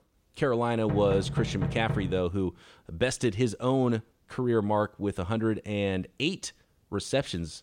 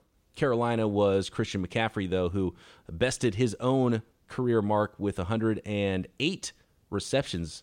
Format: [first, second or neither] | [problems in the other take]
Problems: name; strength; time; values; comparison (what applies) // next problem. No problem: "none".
second | door banging; noticeable; from 1 to 2 s; peak 3 dB below the speech